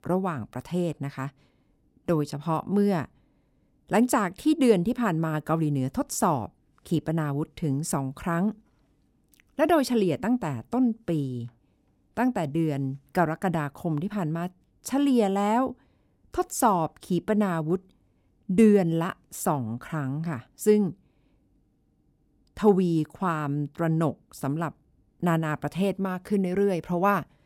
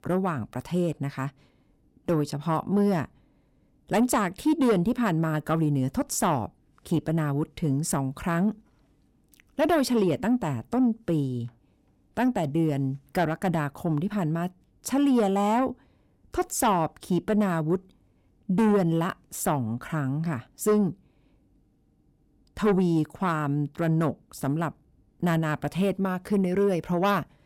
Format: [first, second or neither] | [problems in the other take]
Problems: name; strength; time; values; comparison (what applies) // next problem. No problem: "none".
first | distortion; slight; 10 dB below the speech